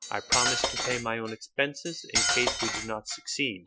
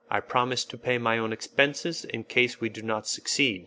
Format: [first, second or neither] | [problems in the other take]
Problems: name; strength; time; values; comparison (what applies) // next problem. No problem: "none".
second | noise reduction (classical method Wiener filter)